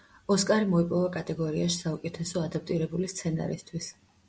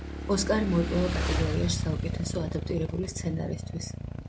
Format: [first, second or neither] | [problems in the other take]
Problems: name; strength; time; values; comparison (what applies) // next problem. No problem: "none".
first | background sound (Motorcycle / Engine); 1 dB below the speech